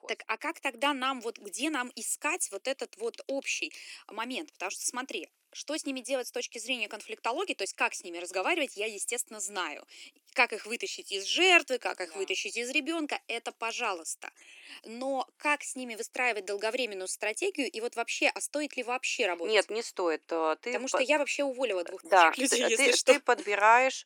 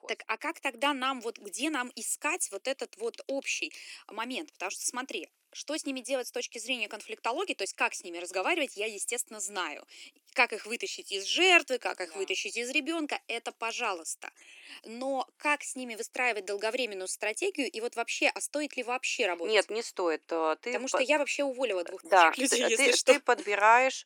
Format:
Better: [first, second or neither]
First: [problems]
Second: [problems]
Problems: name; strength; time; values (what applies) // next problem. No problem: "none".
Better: neither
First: thin; somewhat; fading below 350 Hz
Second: thin; somewhat; fading below 350 Hz